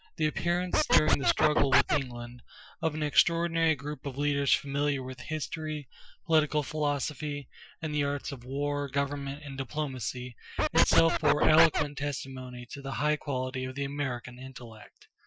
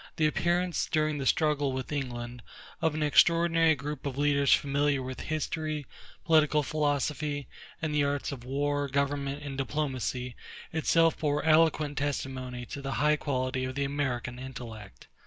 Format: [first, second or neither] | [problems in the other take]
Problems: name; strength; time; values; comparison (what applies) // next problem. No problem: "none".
second | noise reduction (classical method Wiener filter)